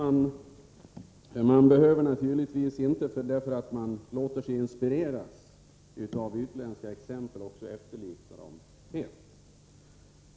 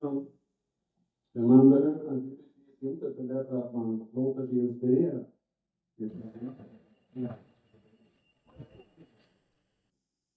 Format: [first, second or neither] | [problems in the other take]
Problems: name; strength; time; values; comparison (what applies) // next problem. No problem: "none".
first | noise reduction (neural mask model DeepFilterNet 3)